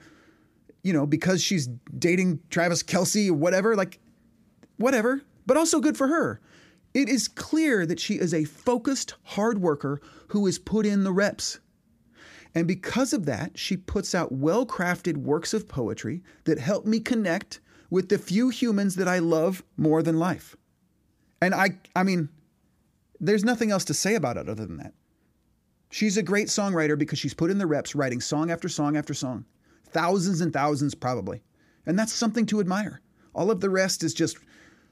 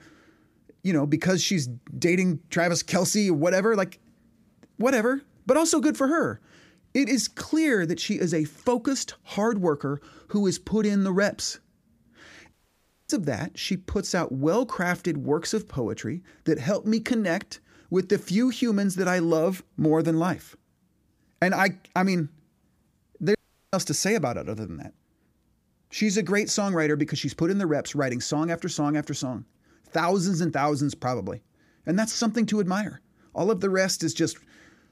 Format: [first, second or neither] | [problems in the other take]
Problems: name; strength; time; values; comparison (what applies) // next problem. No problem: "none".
first | audio cutting out; at 13 s for 0.5 s and at 23 s